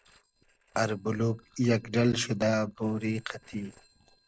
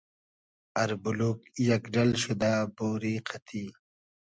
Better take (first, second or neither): second